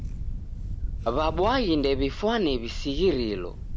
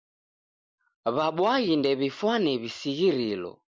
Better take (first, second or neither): second